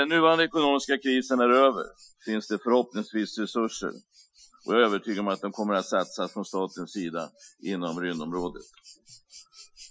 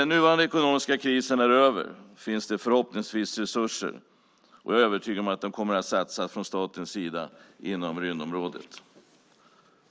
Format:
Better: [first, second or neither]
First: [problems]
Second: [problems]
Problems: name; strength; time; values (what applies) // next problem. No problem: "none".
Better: second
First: noise reduction (classical method Wiener filter)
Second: none